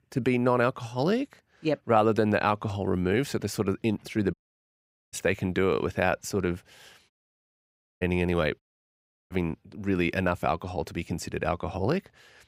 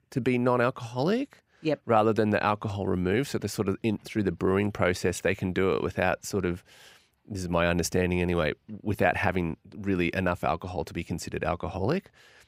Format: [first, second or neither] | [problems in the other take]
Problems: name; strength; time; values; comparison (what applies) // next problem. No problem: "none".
second | audio cutting out; at 4.5 s for 1 s, at 7 s for 1 s and at 8.5 s for 0.5 s